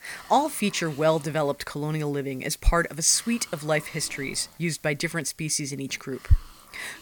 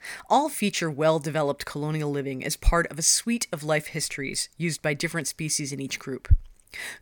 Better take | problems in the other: second | hiss; faint; throughout; 25 dB below the speech

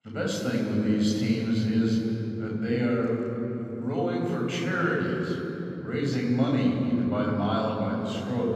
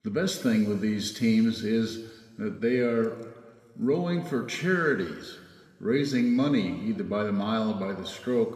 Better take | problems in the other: second | room echo; strong; dies away in 3 s; slight in the second // off-mic speech; far; somewhat distant in the second

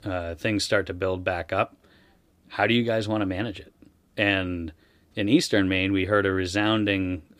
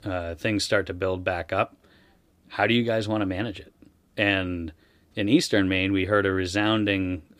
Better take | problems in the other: neither | none

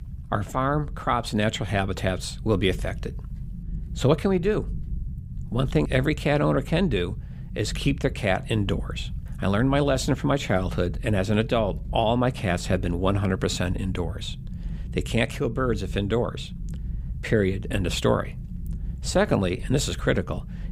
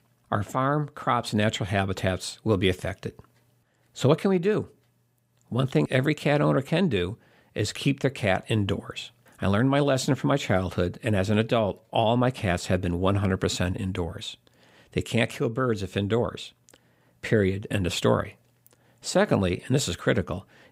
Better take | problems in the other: second | low rumble; faint; throughout; 20 dB below the speech

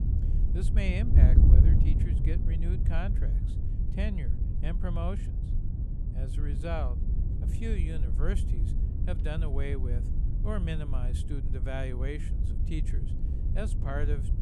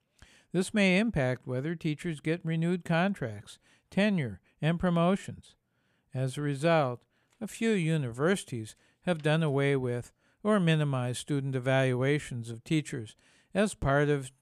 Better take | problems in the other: second | wind noise on the microphone; heavy; 4 dB below the speech

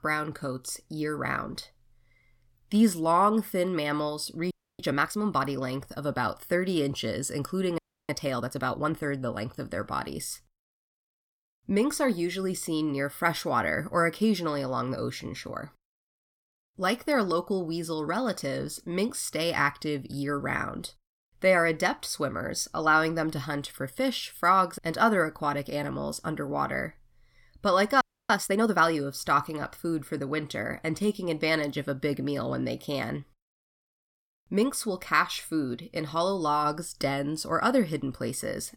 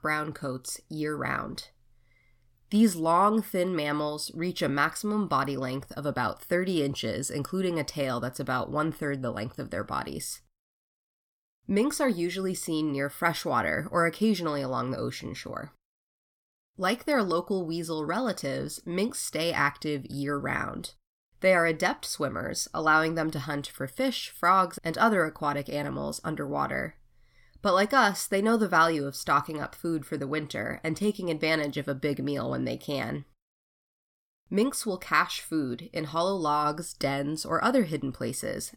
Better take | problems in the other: second | audio freezing; at 4.5 s, at 8 s and at 28 s

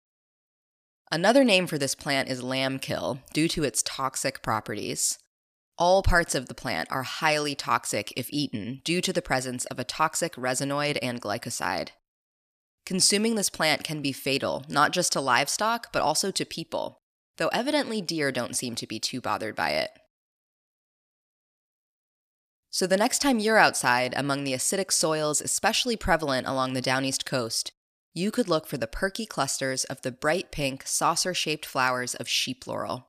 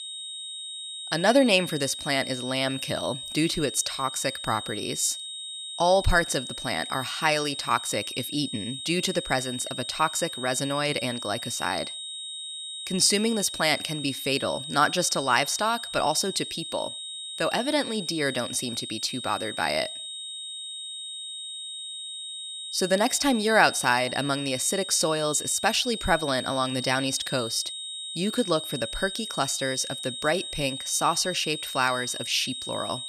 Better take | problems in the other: first | high-pitched whine; loud; throughout; 4 kHz, 8 dB below the speech

